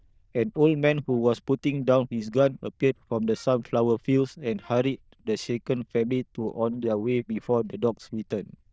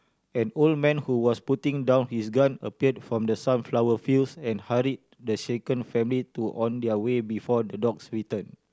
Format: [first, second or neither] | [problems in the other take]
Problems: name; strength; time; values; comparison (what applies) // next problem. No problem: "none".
second | noise reduction (neural diffusion model UNIVERSE++)